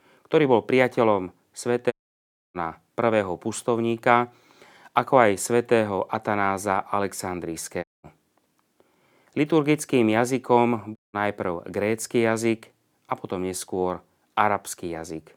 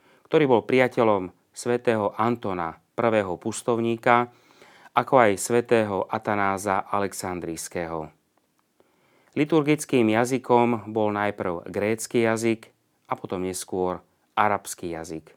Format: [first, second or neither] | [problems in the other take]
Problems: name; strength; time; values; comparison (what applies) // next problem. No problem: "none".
second | audio cutting out; at 2 s for 0.5 s, at 8 s and at 11 s